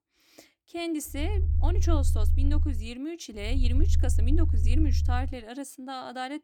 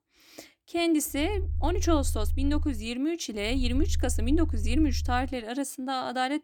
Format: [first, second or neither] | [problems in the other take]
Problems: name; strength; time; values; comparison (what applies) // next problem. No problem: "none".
second | low rumble; loud; from 1.5 to 3 s and from 3.5 to 5 s; 9 dB below the speech; faint in the second